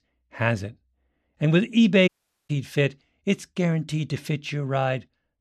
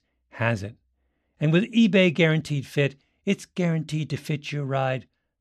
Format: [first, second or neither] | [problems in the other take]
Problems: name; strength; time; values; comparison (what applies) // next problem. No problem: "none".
second | audio cutting out; at 2 s